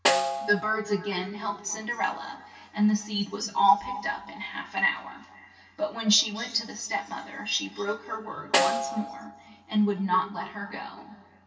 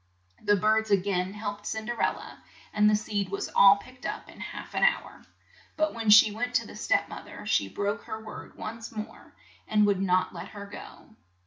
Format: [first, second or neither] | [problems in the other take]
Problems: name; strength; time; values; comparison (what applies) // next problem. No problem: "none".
second | background sound (Snare drum); 3 dB below the speech // room echo; dies away in 2.4 s